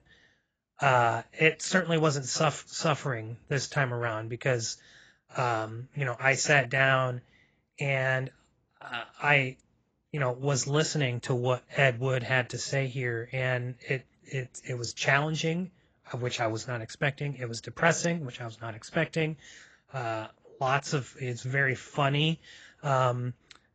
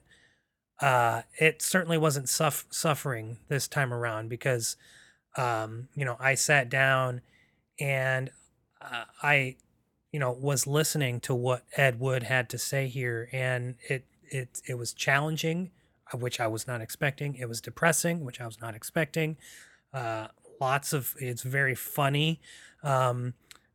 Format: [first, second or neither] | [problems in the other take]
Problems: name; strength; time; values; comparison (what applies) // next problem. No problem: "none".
second | garbled, watery; badly; nothing above 7.5 kHz